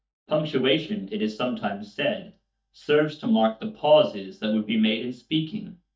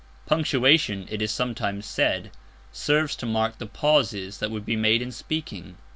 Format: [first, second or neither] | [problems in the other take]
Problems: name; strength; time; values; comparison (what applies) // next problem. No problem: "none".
second | noise reduction (neural mask model DeepFilterNet 3)